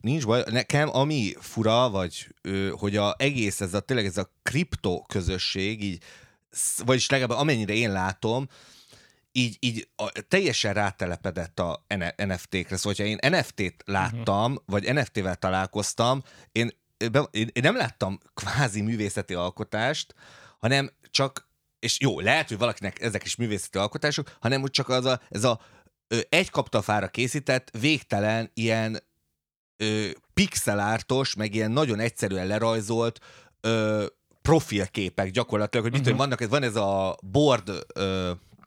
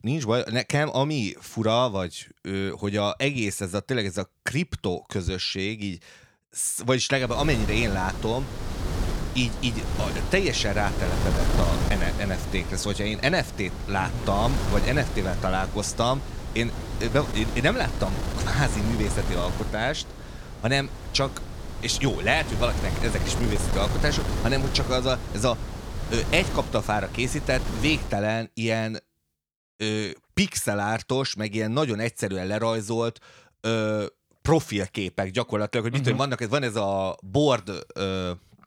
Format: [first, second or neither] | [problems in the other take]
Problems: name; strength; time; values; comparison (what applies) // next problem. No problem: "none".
first | wind noise on the microphone; heavy; from 7.5 to 28 s; 9 dB below the speech